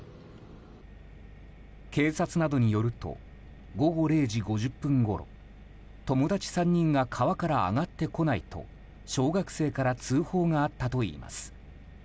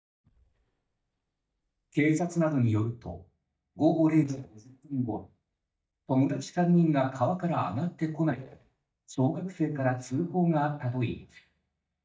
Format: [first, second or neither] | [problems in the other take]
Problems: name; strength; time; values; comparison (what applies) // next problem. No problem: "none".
first | noise reduction (neural mask model DeepFilterNet 3)